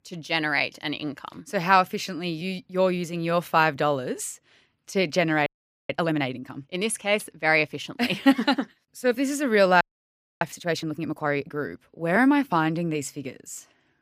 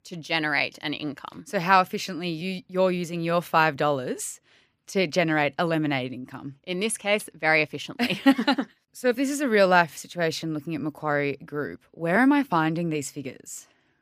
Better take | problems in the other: second | audio freezing; at 5.5 s and at 10 s for 0.5 s

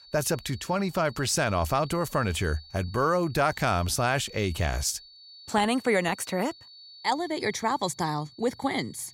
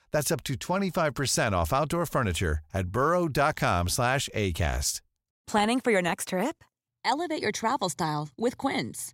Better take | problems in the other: second | high-pitched whine; noticeable; throughout; 4.5 kHz, 20 dB below the speech

